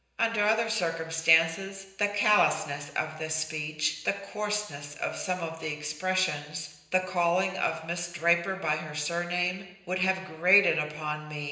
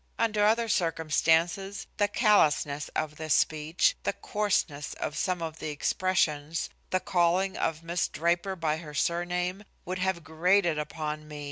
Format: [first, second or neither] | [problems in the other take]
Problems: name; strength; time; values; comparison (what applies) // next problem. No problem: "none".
second | room echo; dies away in 0.9 s